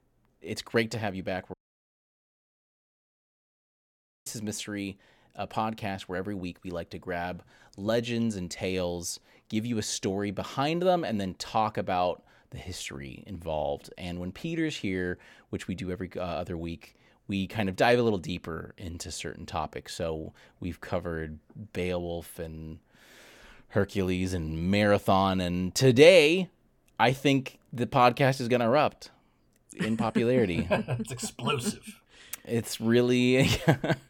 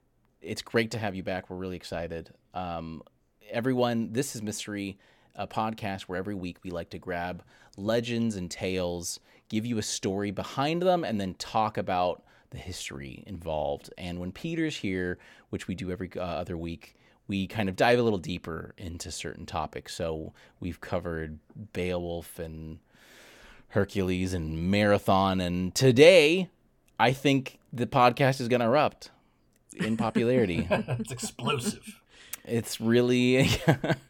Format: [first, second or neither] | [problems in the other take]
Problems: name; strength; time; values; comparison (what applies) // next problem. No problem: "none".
second | audio cutting out; at 1.5 s for 2.5 s